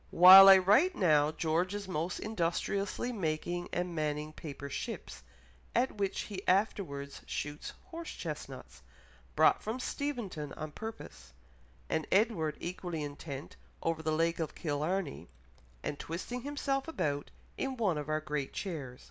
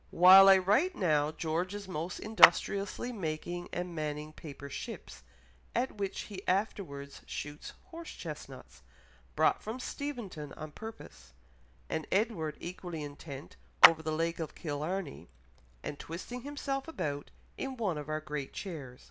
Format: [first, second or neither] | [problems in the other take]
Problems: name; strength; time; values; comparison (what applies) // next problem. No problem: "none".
first | background sound (Clapping); 2 dB above the speech